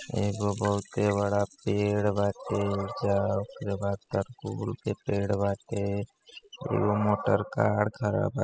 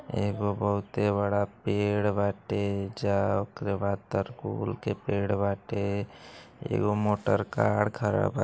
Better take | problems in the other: second | noise reduction (classical method spectral subtraction)

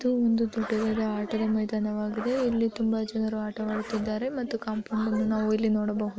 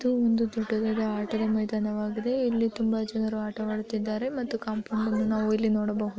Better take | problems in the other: second | background sound (Zipper (clothing)); 17 dB below the speech

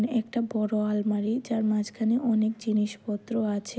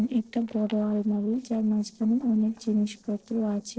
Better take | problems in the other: first | noise reduction (neural separator model SepFormer DNS4)

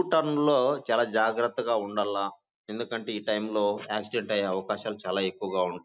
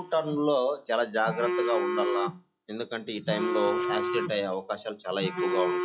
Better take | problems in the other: first | noise reduction (classical method log-MMSE)

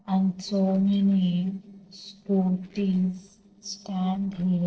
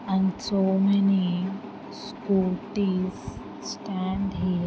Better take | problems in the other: second | noise reduction (neural separator model SepFormer DNS4)

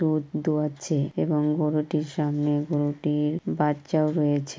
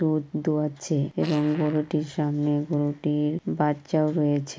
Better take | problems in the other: first | background sound (Fart); 18 dB below the speech

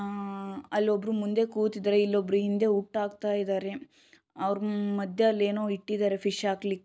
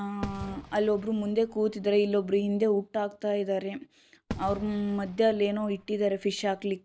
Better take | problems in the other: first | background sound (Fireworks); 16 dB below the speech

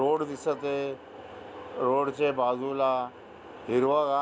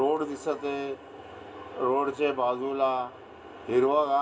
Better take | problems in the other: first | room echo; dies away in 2.7 s

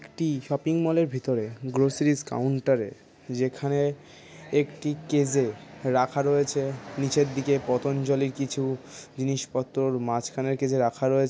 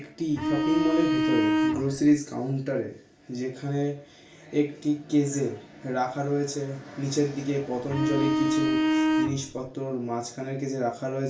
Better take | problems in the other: first | background sound (Bowed string instrument); 3 dB above the speech // room echo; dies away in 0.4 s

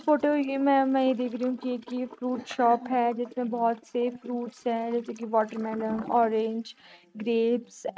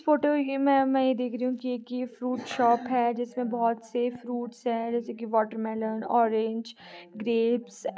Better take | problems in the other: second | noise reduction (neural mask model RNNoise)

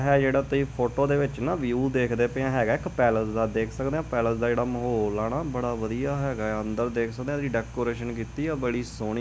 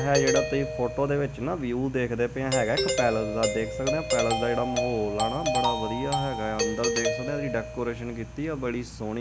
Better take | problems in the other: first | background sound (Doorbell); 2 dB below the speech

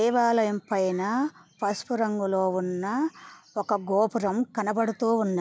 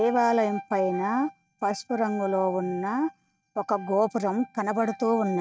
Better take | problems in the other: first | noise reduction (neural mask model RNNoise)

